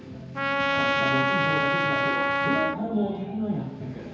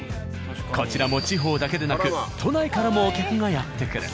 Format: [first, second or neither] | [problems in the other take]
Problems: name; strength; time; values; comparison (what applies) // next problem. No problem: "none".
second | background sound (Trumpet); 4 dB above the speech // room echo; dies away in 0.9 s